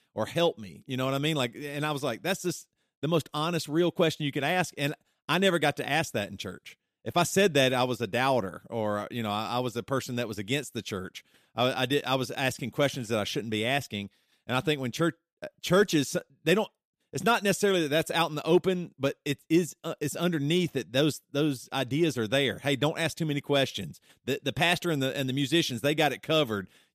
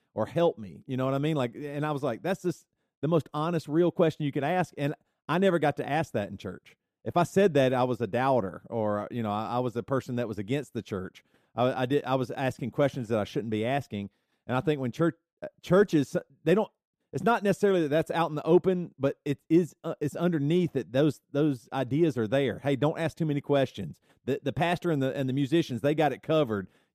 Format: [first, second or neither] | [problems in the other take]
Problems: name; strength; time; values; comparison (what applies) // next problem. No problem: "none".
first | muffled; slightly; fading above 2 kHz